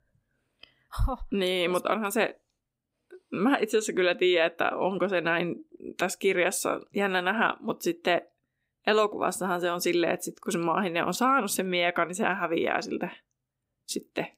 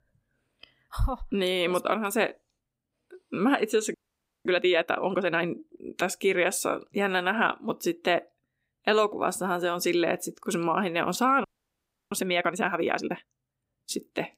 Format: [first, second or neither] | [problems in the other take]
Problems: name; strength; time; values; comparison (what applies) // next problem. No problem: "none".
first | audio freezing; at 4 s for 0.5 s and at 11 s for 0.5 s